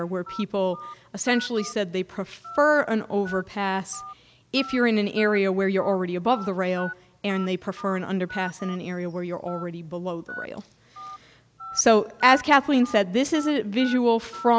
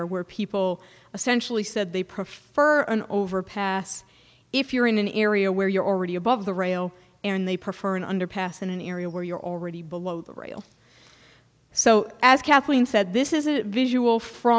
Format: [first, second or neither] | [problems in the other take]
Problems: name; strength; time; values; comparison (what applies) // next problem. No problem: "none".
second | background sound (Telephone); 17 dB below the speech